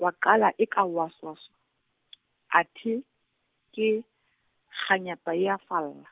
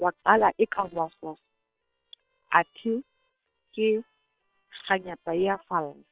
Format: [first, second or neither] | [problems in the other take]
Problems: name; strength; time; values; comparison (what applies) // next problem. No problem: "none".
first | noise reduction (neural separator model SepFormer WHAM!)